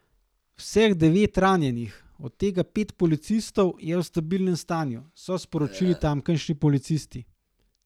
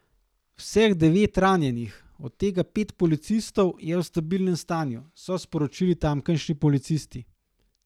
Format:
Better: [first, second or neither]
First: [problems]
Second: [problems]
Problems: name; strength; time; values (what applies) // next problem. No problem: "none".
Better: second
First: background sound (Burping, eructation); 16 dB below the speech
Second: none